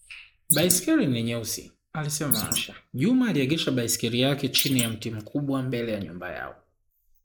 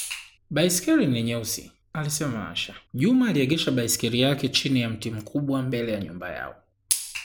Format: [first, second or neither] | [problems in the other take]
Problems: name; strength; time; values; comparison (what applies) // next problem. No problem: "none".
second | noise reduction (neural mask model Resemble Enhance denoiser)